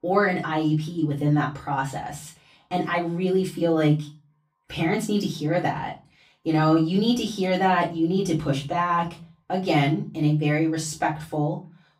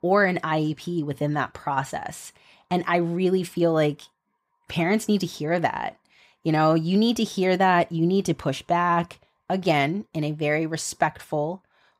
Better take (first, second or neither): second